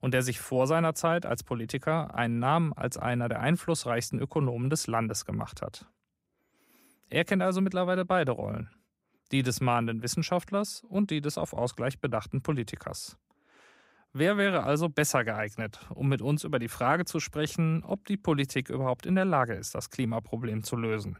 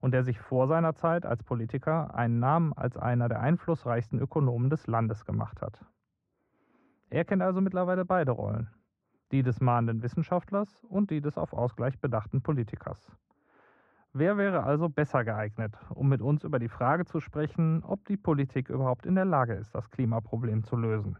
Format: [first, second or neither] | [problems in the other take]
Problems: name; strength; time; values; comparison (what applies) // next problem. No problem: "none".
first | muffled; very; fading above 1 kHz